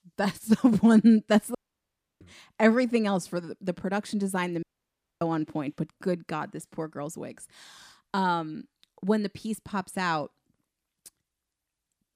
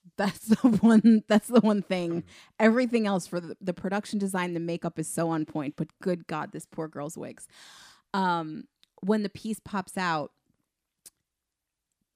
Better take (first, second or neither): second